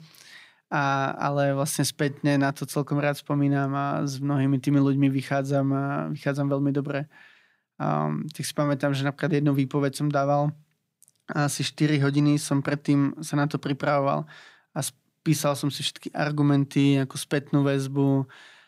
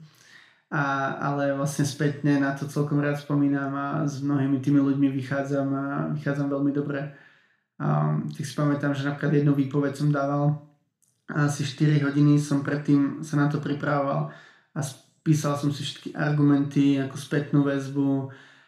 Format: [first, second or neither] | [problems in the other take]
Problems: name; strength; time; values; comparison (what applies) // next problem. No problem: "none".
first | room echo; slight; dies away in 0.5 s // off-mic speech; somewhat distant